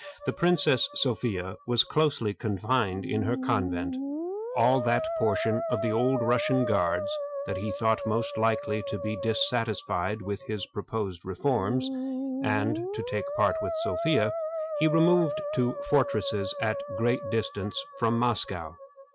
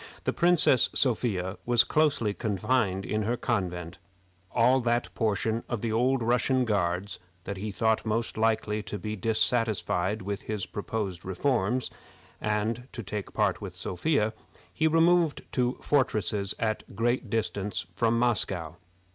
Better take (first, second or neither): second